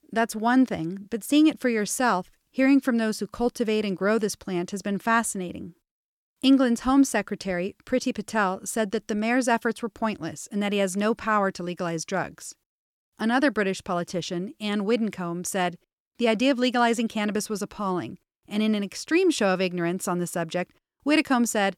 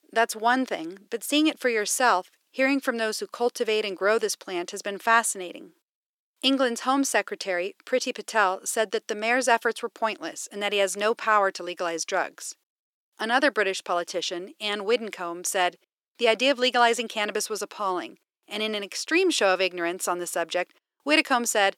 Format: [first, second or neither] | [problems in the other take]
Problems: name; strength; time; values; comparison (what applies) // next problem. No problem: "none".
first | thin; somewhat; fading below 400 Hz